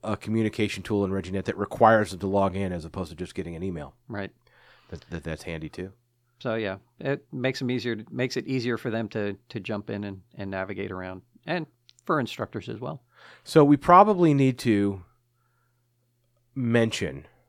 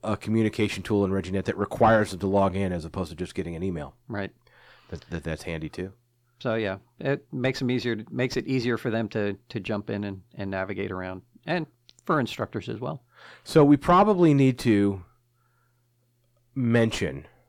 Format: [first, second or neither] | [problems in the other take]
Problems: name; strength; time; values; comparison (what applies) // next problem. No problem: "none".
first | distortion; slight; 10 dB below the speech